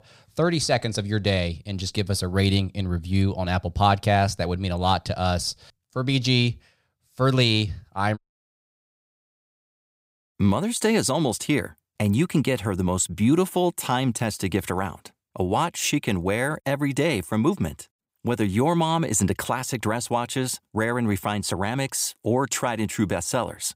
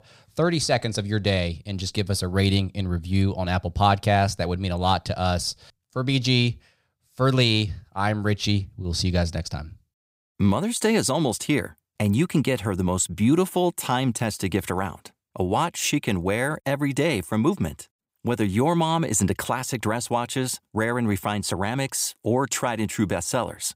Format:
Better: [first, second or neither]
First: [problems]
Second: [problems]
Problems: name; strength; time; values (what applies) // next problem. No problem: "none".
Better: second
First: audio cutting out; at 8 s for 2 s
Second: none